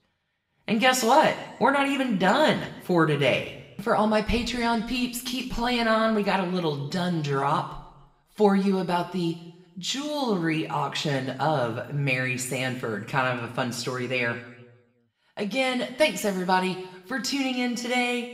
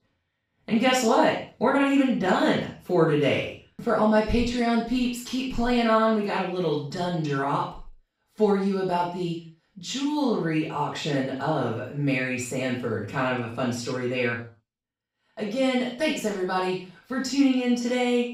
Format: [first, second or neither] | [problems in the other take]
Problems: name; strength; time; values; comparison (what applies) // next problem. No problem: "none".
first | room echo; strong; dies away in 0.4 s; slight in the first // off-mic speech; far; somewhat distant in the first